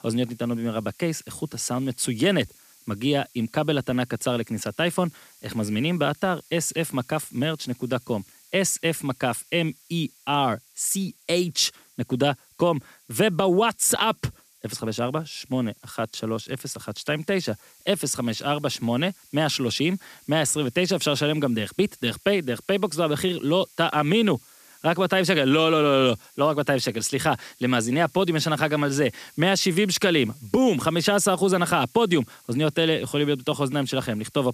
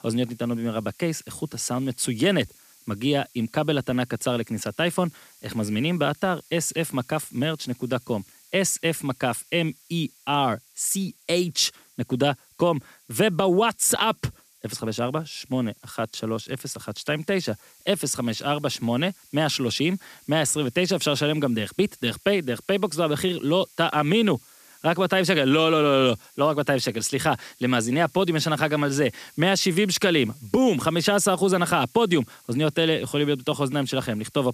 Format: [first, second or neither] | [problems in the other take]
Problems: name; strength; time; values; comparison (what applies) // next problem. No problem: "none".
neither | hiss; faint; throughout; 25 dB below the speech; the same in both